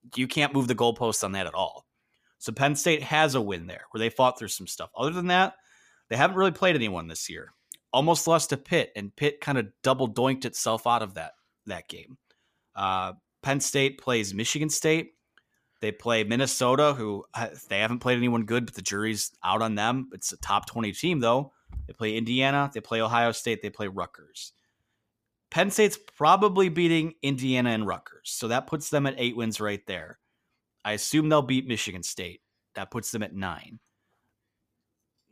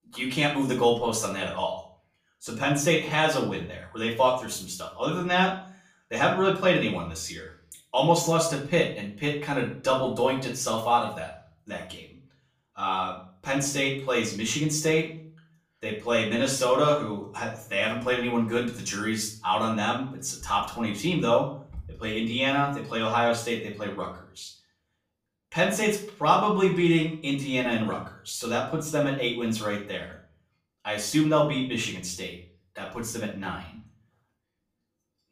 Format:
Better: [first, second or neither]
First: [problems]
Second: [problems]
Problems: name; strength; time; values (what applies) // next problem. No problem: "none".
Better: first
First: none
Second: off-mic speech; far // room echo; slight; dies away in 0.4 s